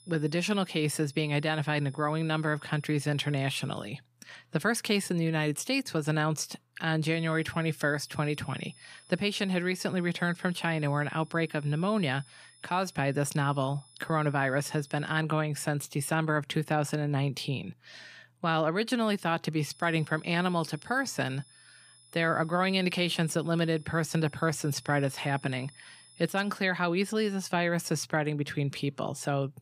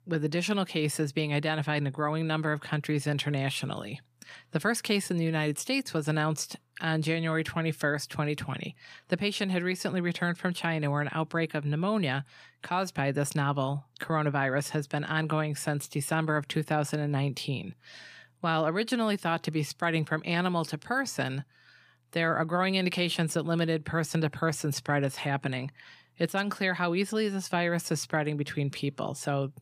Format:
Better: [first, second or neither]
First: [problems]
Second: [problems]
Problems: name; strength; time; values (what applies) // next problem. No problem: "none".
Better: second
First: high-pitched whine; faint; until 4 s, from 7 to 15 s and from 20 to 27 s; 10 kHz, 25 dB below the speech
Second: none